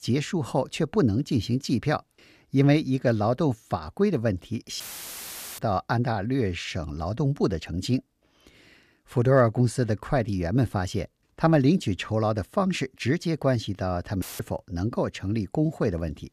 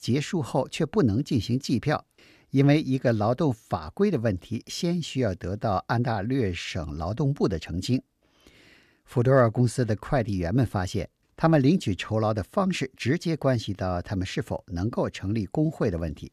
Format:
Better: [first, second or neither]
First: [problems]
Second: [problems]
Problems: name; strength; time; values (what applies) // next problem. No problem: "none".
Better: second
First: audio cutting out; filled with static; at 5 s for 1 s and at 14 s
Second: none